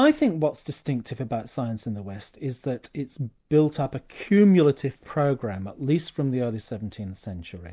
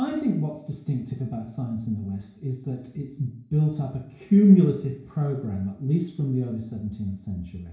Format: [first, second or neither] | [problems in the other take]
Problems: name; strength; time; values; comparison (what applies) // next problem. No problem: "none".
first | room echo; dies away in 0.6 s